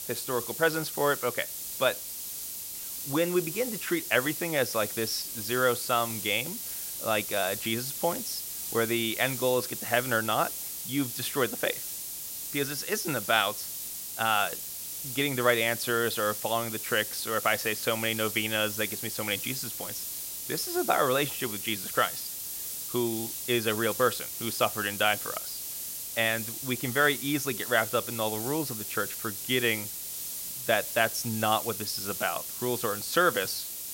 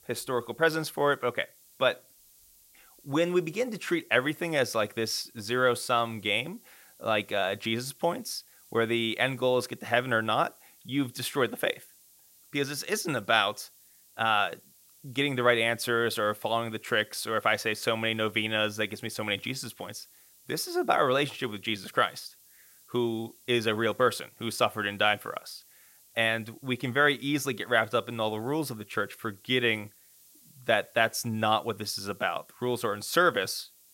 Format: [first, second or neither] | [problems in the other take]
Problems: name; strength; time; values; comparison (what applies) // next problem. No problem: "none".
second | hiss; loud; throughout; 5 dB below the speech; faint in the second